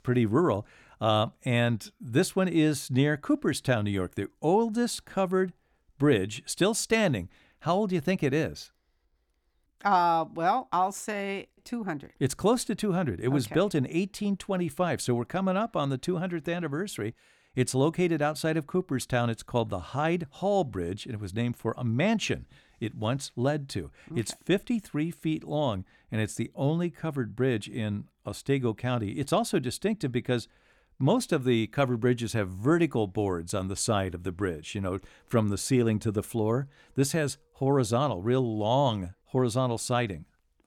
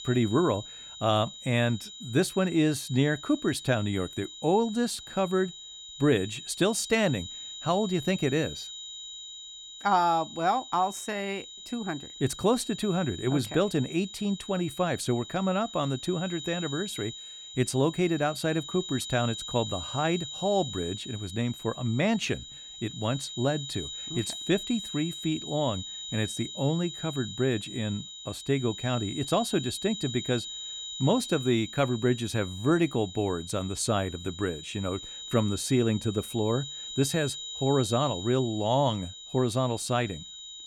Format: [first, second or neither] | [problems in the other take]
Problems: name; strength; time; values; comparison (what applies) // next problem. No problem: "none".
first | high-pitched whine; loud; throughout; 4 kHz, 10 dB below the speech